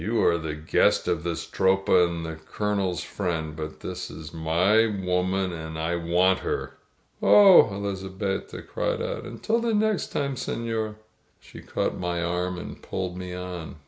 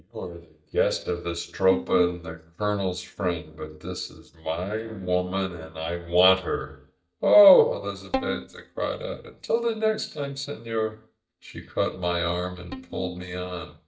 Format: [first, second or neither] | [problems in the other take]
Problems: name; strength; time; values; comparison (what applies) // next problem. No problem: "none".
first | noise reduction (neural mask model DeepFilterNet 3)